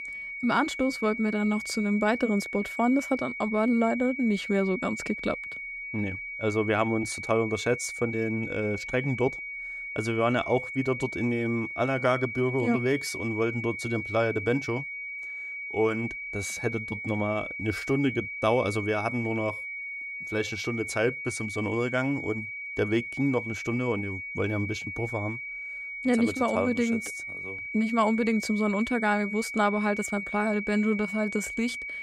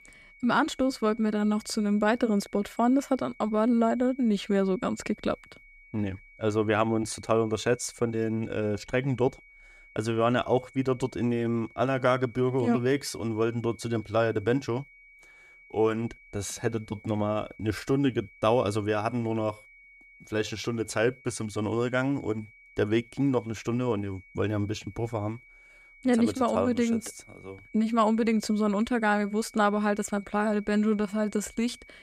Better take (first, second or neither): second